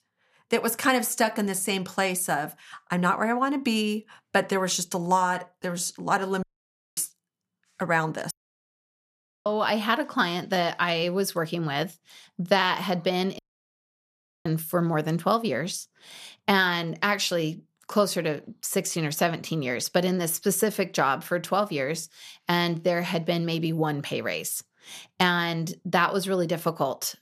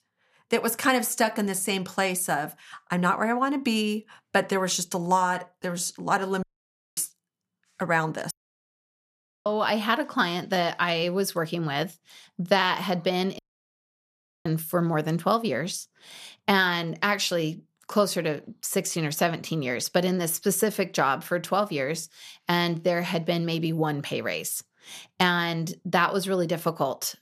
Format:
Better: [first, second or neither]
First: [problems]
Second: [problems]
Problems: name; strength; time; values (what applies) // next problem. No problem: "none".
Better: neither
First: audio cutting out; at 6.5 s for 0.5 s, at 8.5 s for 1 s and at 13 s for 1 s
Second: audio cutting out; at 6.5 s for 0.5 s, at 8.5 s for 1 s and at 13 s for 1 s